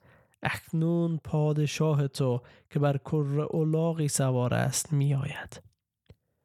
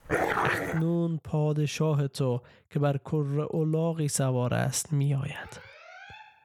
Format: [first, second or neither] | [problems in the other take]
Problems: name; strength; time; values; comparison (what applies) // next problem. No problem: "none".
first | dog barking; loud; at the start; peak 2 dB above the speech // alarm; faint; from 5.5 s on; peak 20 dB below the speech